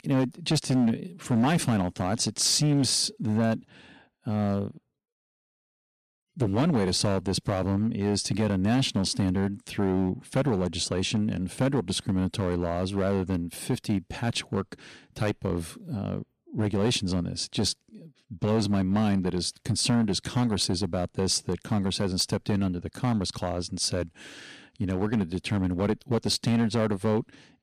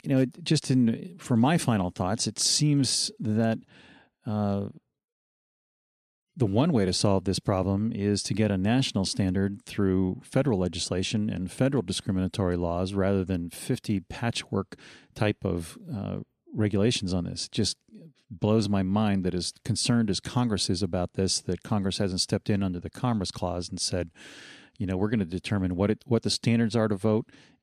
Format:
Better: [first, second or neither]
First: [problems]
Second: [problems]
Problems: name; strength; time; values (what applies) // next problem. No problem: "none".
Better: second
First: distortion; slight; 5% of the sound clipped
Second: none